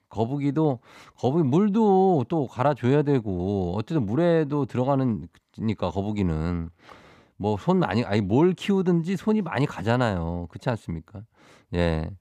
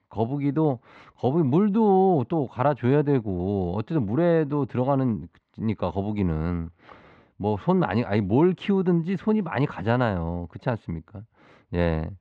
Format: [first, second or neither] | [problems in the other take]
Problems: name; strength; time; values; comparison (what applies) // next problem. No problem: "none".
first | muffled; slightly; fading above 3 kHz